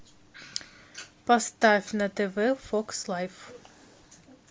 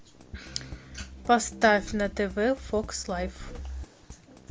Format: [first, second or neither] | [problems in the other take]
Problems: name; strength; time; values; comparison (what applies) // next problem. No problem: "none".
first | background sound (Drum kit); 12 dB below the speech